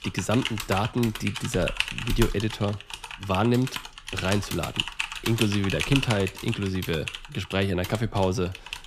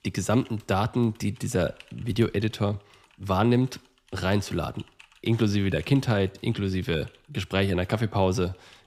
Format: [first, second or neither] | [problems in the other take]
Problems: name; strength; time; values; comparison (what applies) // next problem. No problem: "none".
second | household noises; loud; throughout; 5 dB below the speech; faint in the second